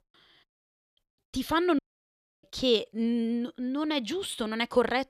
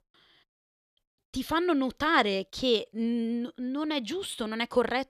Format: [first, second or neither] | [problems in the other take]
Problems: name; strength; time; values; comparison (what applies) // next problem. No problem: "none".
second | audio cutting out; at 2 s for 0.5 s